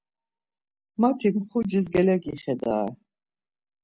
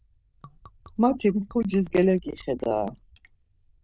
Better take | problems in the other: first | noise reduction (neural diffusion model UNIVERSE++)

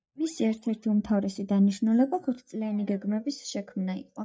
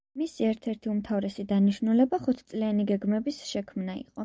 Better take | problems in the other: second | noise reduction (neural mask model DeepFilterNet 3)

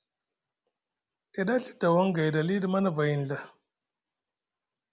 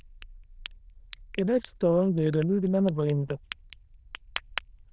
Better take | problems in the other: first | noise reduction (neural diffusion model UNIVERSE++)

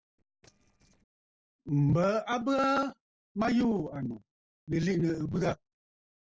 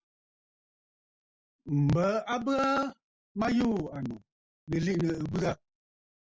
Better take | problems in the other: second | noise reduction (neural separator model SepFormer DNS4)

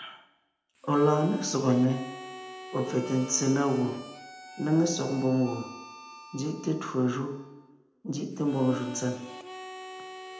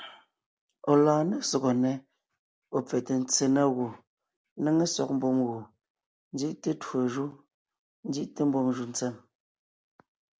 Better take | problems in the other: second | background sound (Harmonica); 16 dB below the speech // room echo; dies away in 0.8 s

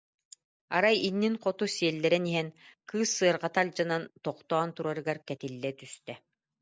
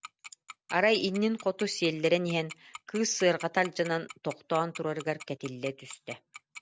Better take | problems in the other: first | background sound (Tick-tock); 18 dB below the speech

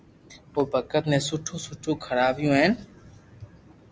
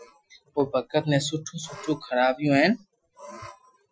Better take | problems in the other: first | noise reduction (classical method Wiener filter)

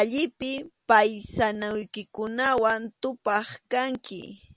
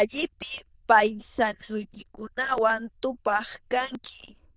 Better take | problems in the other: first | noise reduction (neural diffusion model UNIVERSE++)

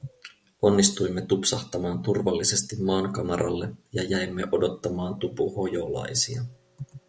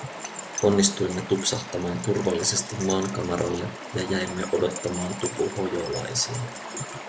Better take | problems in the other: first | background sound (Keys jangling + Stream); 9 dB below the speech

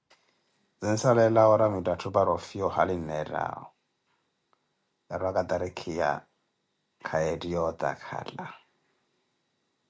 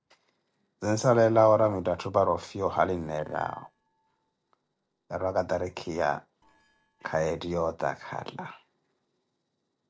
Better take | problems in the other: first | noise reduction (neural separator model SepFormer DNS4)

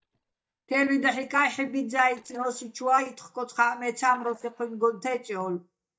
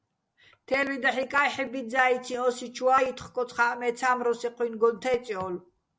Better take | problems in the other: second | noise reduction (neural mask model DeepFilterNet 3)

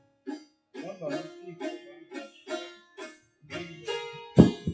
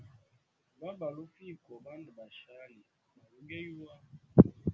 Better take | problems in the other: second | noise reduction (classical method WPE with log-MMSE)

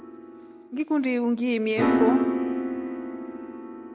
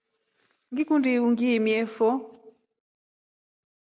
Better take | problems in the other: second | background sound (Piano); 1 dB above the speech

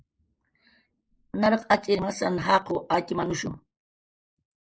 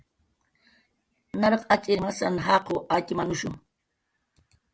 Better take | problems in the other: second | noise reduction (neural mask model Resemble Enhance denoiser)

